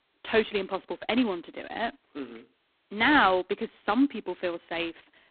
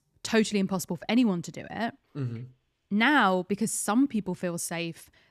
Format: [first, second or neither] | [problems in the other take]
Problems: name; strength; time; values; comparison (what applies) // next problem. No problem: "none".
second | phone-call audio; poor line; nothing above 4 kHz